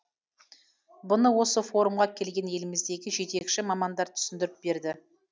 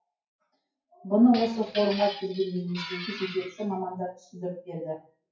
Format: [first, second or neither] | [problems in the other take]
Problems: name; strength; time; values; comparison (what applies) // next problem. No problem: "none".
first | noise reduction (classical method WPE with log-MMSE)